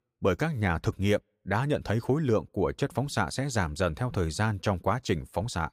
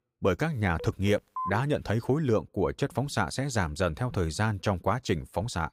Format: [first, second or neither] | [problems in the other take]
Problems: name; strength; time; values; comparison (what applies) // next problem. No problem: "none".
first | phone ringing; noticeable; at 1 s; peak 6 dB below the speech